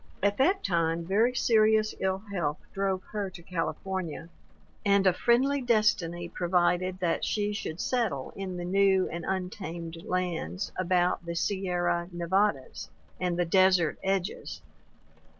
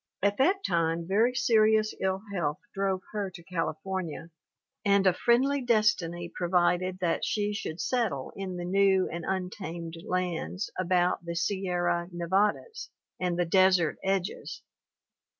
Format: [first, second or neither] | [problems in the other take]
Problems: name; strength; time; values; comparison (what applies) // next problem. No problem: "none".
second | background sound (Rain); 19 dB below the speech